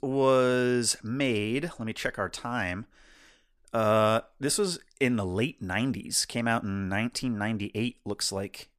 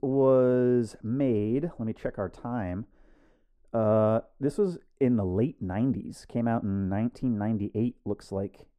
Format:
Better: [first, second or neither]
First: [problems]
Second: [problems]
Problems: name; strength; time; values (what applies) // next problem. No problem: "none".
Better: first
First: none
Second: muffled; very; fading above 1.5 kHz